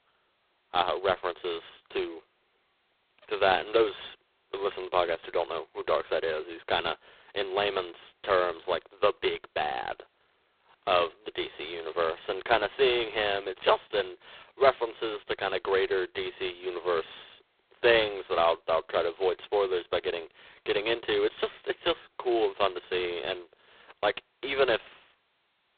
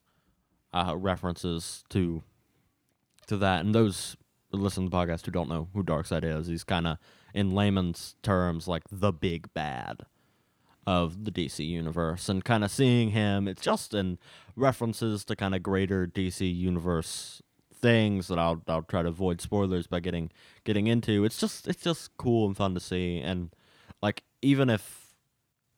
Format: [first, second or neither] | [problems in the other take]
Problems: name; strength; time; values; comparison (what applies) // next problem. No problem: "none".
second | phone-call audio; poor line; nothing above 4 kHz